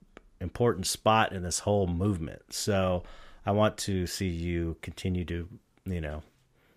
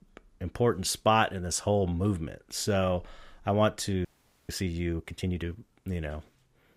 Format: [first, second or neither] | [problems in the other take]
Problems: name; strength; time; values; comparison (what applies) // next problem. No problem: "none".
first | audio freezing; at 4 s